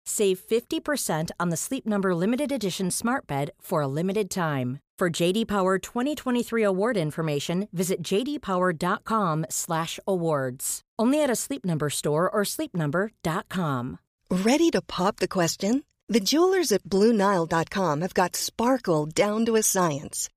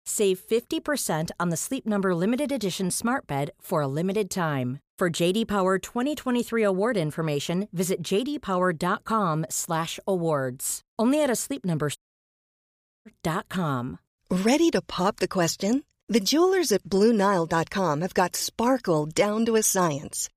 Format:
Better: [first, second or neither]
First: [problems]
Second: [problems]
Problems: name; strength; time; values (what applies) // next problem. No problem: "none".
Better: first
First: none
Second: audio cutting out; at 12 s for 1 s